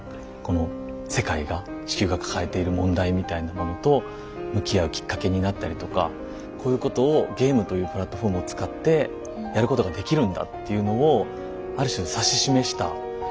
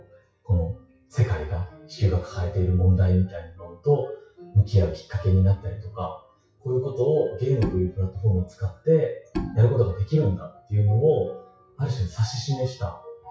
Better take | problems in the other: first | noise reduction (classical method WPE with log-MMSE)

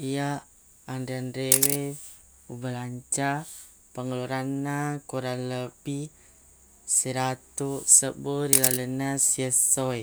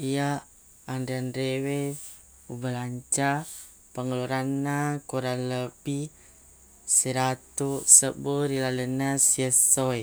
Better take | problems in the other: second | background sound (Camera); 1 dB above the speech

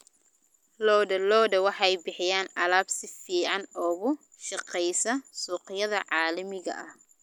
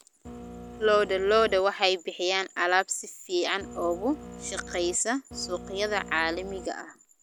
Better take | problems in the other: first | background sound (Printer); 14 dB below the speech

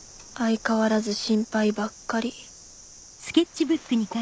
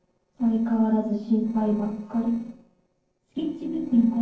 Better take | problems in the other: first | noise reduction (neural separator model SepFormer DNS4)

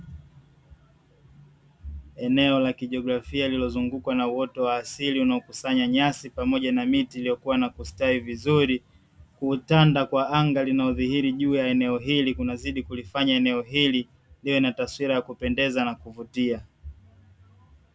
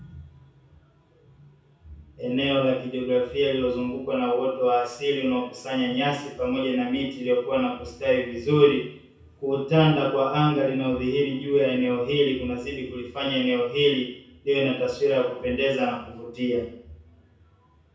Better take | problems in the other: first | room echo; dies away in 0.6 s

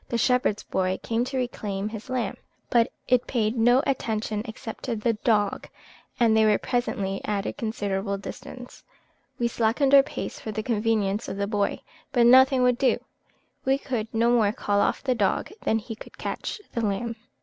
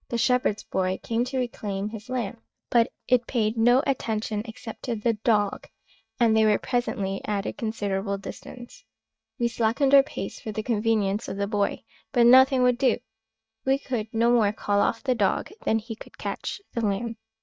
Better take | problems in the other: first | noise reduction (neural mask model DeepFilterNet 3)

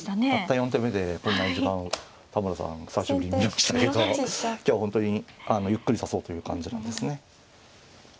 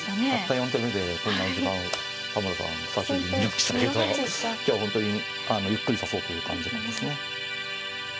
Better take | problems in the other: first | background sound (Musical instrument); 4 dB below the speech

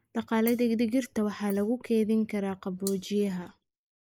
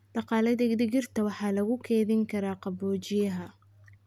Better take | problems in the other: second | noise reduction (neural mask model Resemble Enhance denoiser)

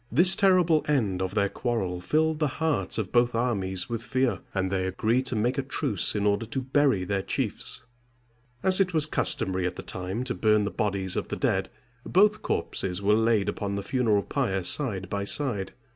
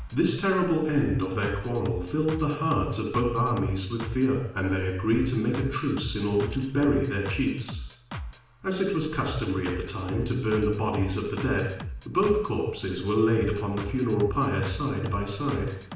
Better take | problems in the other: first | background sound (Drum kit); 12 dB below the speech // room echo; dies away in 0.7 s

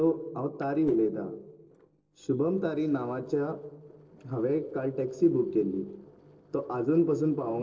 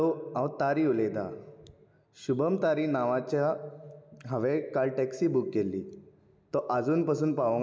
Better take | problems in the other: second | noise reduction (neural separator model SepFormer DNS4)

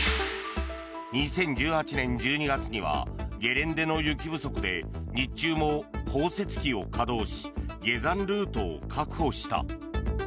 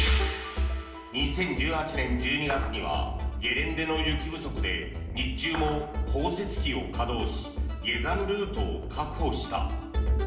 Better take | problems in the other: first | background sound (Clapping); 14 dB below the speech // room echo; dies away in 0.9 s

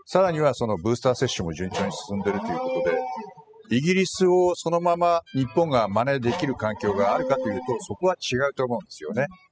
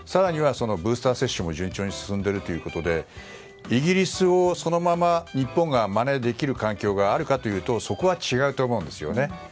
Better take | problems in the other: second | noise reduction (classical method spectral subtraction)

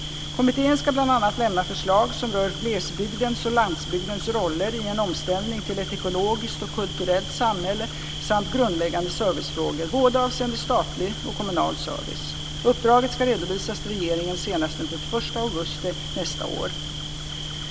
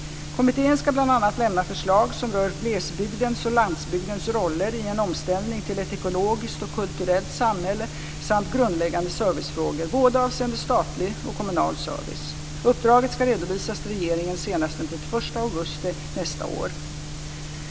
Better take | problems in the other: second | background sound (Cricket); 12 dB below the speech

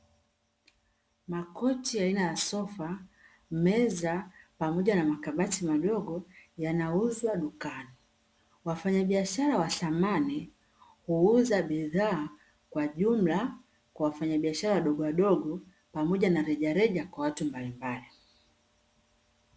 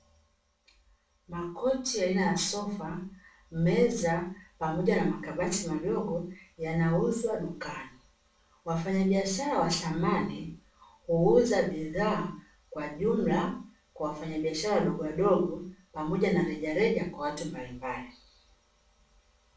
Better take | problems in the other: first | room echo; dies away in 0.3 s

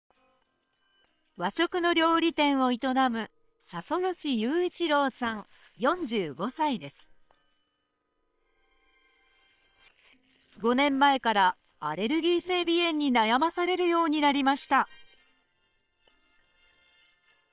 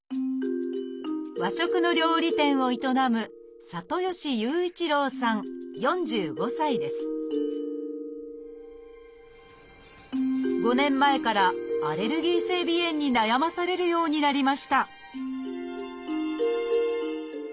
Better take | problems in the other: second | noise reduction (neural separator model SepFormer WHAM!)

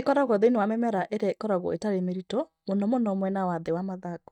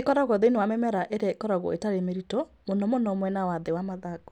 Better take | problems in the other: second | noise reduction (neural mask model DeepFilterNet 3)

